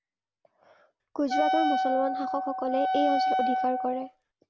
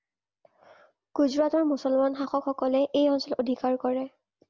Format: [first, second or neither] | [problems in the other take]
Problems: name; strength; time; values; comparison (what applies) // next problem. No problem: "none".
second | background sound (Wind instrument, woodwind instrument); 3 dB above the speech